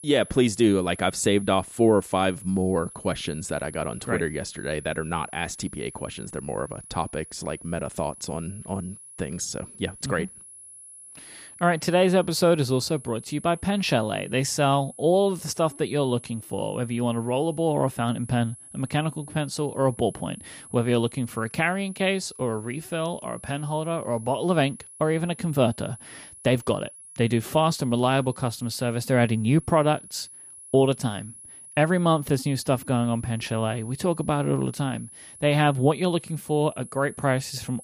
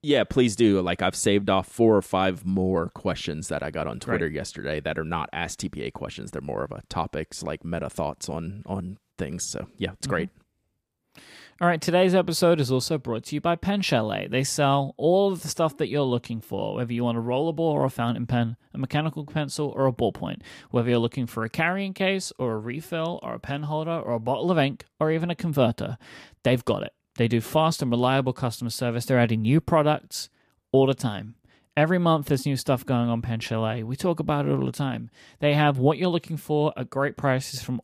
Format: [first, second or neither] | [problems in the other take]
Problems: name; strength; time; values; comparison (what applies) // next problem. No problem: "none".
second | high-pitched whine; noticeable; throughout; 10.5 kHz, 15 dB below the speech